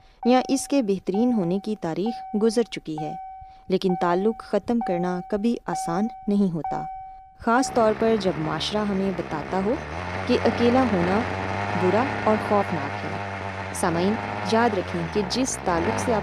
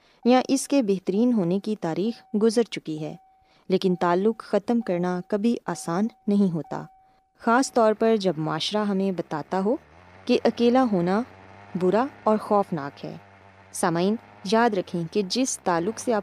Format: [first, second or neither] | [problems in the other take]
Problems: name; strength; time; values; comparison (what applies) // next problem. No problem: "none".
second | traffic noise; loud; throughout; 7 dB below the speech; faint in the second